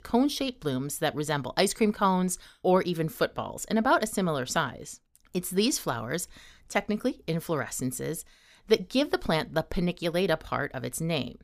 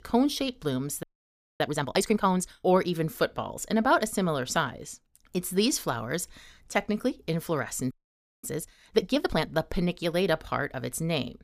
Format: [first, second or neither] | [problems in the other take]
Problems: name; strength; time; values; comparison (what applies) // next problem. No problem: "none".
first | audio freezing; at 1 s for 0.5 s and at 8 s for 0.5 s